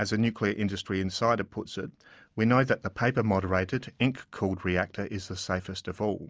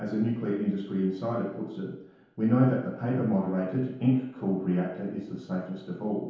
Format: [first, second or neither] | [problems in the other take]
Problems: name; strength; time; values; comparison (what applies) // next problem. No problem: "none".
first | room echo; dies away in 0.8 s